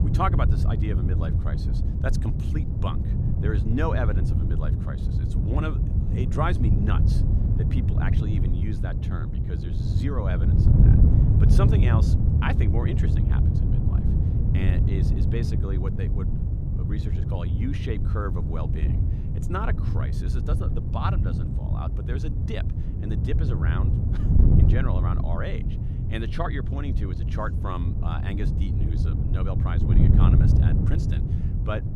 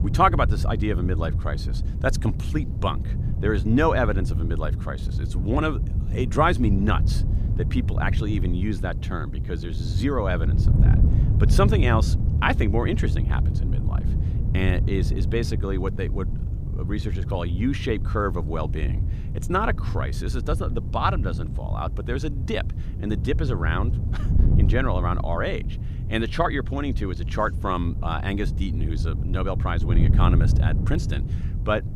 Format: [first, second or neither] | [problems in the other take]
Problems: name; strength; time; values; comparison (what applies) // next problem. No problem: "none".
second | wind noise on the microphone; heavy; 2 dB below the speech; occasional gusts in the second